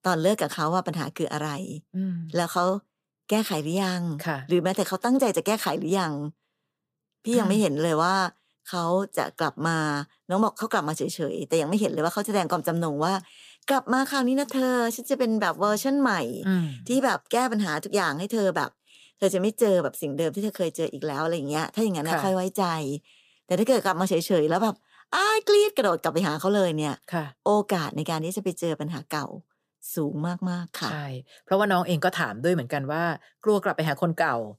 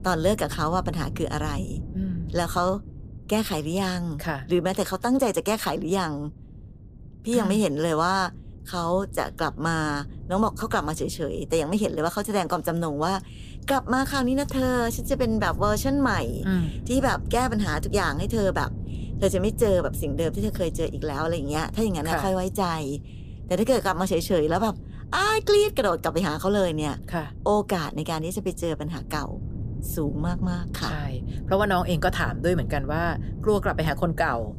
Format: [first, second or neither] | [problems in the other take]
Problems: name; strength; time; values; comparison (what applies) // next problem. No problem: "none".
first | wind noise on the microphone; occasional gusts; 20 dB below the speech